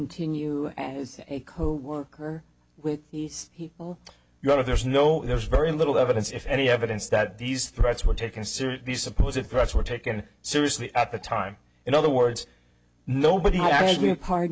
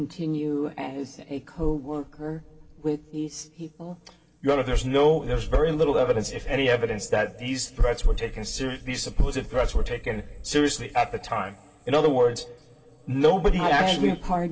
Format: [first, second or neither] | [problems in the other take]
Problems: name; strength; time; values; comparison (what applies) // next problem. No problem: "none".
first | room echo; dies away in 3 s